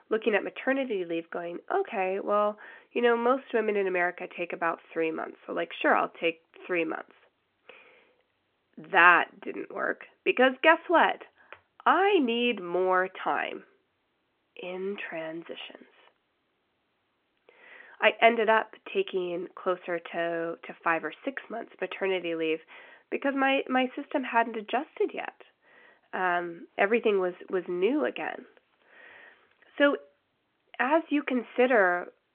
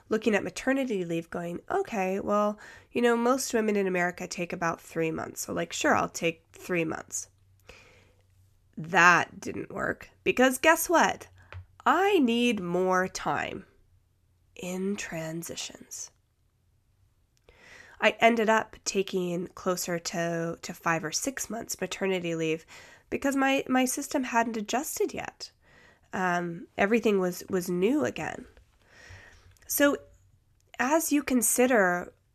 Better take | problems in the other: second | phone-call audio

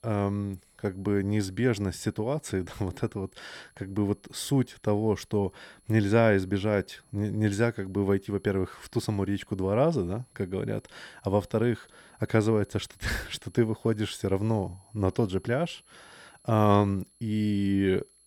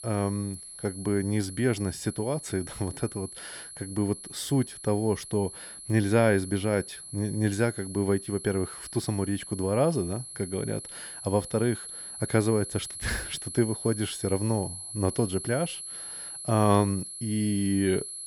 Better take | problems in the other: first | high-pitched whine; loud; throughout; 11 kHz, 10 dB below the speech; faint in the first

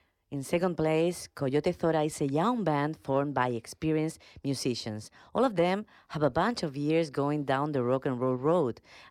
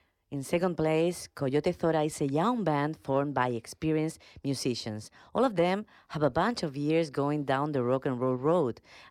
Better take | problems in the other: neither | none

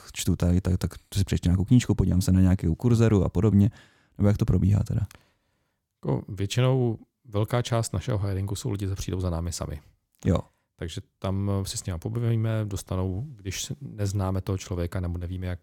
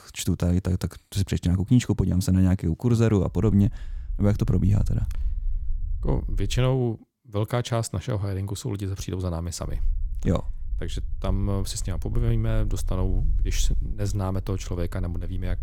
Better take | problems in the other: first | low rumble; faint; from 3.5 to 6.5 s and from 9.5 s on; 25 dB below the speech

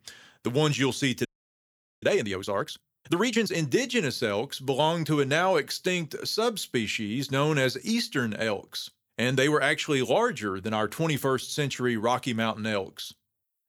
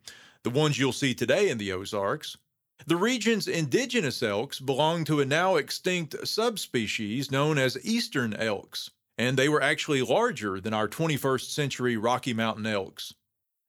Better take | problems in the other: second | audio freezing; at 1.5 s for 1 s

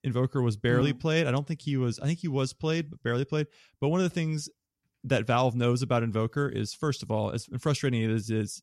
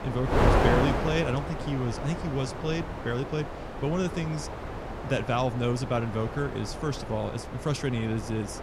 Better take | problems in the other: first | wind noise on the microphone; heavy; as loud as the speech

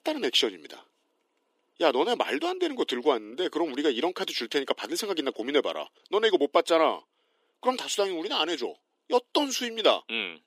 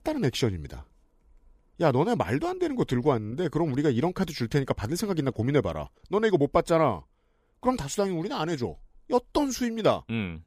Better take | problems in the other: second | thin; somewhat; fading below 300 Hz

